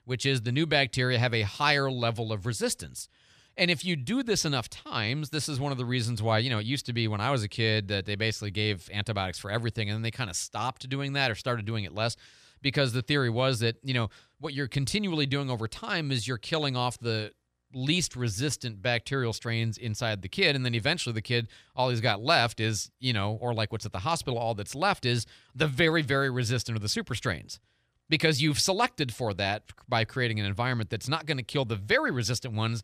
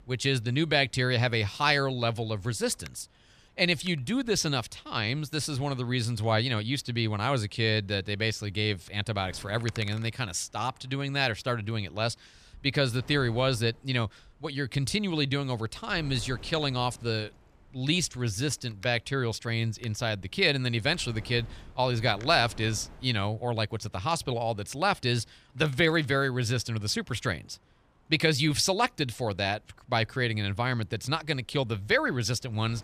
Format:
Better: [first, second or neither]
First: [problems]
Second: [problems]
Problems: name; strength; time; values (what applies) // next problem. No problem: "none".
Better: first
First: none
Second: wind noise on the microphone; occasional gusts; 25 dB below the speech